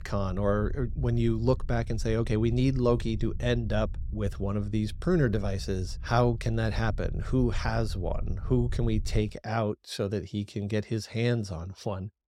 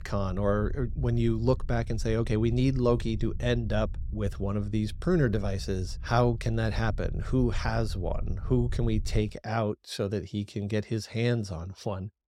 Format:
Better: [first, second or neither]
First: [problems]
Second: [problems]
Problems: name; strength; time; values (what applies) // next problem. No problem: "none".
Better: neither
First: low rumble; faint; until 9.5 s; 25 dB below the speech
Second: low rumble; faint; until 9.5 s; 25 dB below the speech